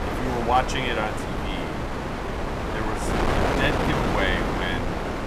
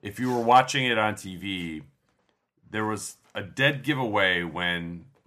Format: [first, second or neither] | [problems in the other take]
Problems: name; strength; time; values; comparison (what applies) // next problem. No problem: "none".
second | wind noise on the microphone; heavy; 1 dB below the speech